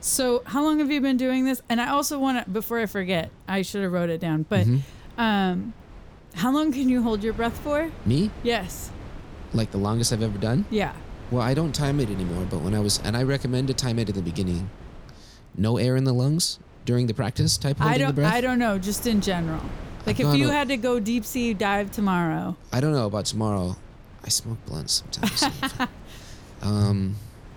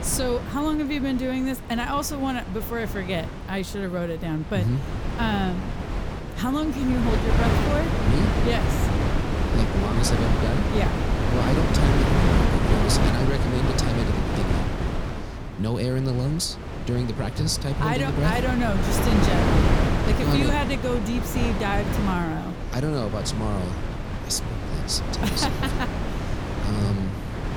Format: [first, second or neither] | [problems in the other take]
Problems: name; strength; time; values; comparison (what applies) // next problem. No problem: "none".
first | wind noise on the microphone; heavy; 1 dB below the speech; occasional gusts in the first